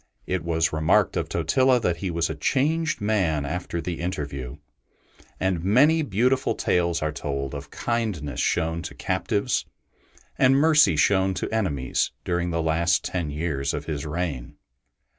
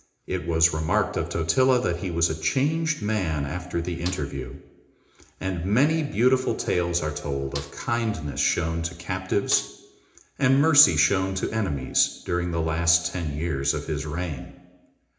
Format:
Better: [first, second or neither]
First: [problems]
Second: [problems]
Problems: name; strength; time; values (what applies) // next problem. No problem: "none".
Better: first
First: none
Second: background sound (Snare drum); 19 dB below the speech // room echo; dies away in 0.8 s